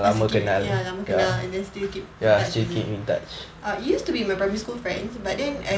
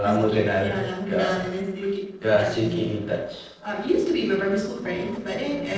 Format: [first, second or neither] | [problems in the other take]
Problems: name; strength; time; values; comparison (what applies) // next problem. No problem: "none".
first | noise reduction (neural separator model SepFormer DNS4)